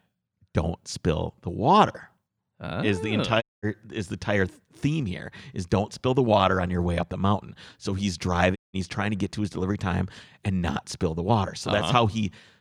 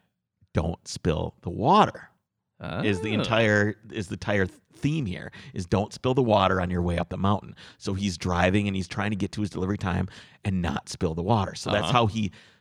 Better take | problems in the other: second | audio cutting out; at 3.5 s and at 8.5 s

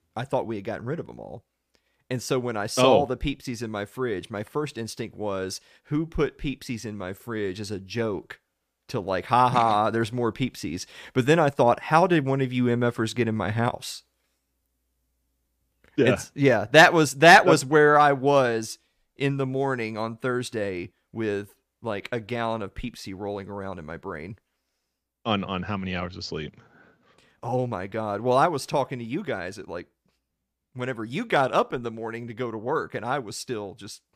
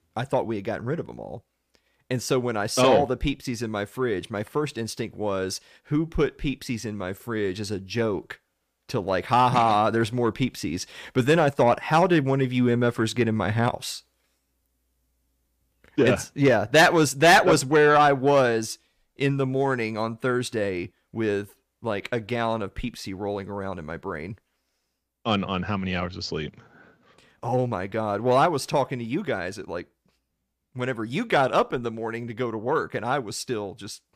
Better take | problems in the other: first | distortion; slight; 10 dB below the speech

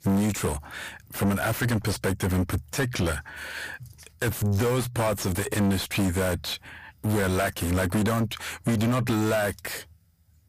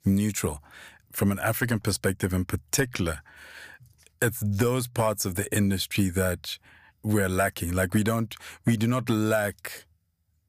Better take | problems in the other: second | distortion; heavy; 7 dB below the speech

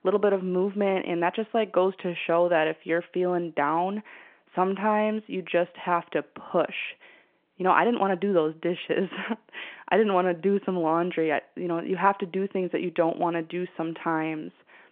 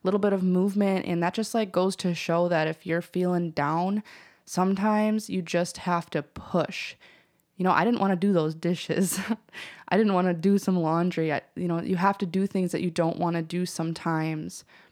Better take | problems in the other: second | phone-call audio

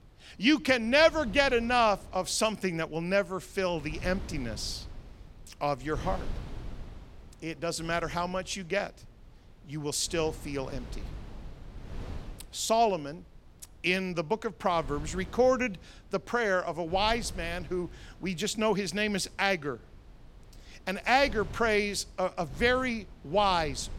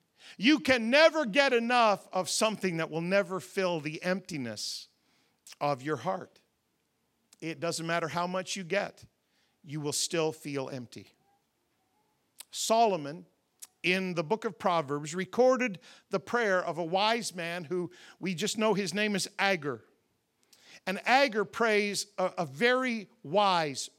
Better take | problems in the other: second | wind noise on the microphone; occasional gusts; 25 dB below the speech

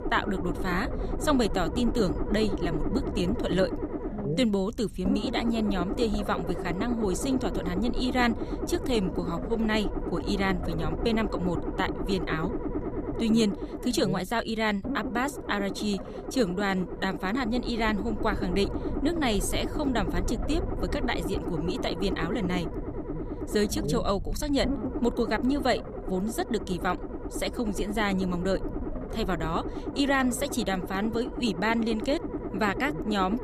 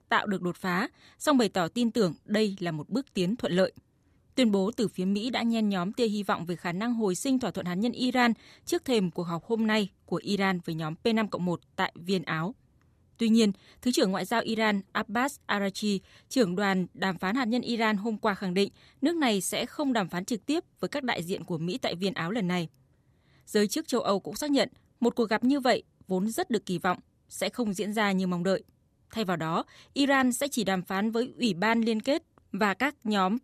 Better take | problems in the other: second | low rumble; loud; throughout; 7 dB below the speech

